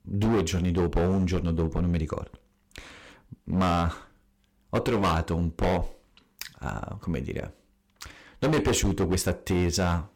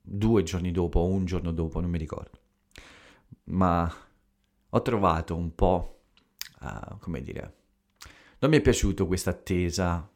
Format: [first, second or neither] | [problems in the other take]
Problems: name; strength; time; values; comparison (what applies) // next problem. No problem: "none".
second | distortion; heavy; 10% of the sound clipped